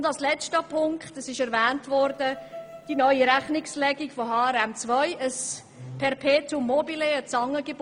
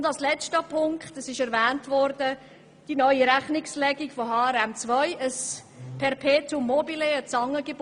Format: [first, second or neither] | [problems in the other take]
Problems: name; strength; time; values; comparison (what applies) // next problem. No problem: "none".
second | background sound (Bowed string instrument); 18 dB below the speech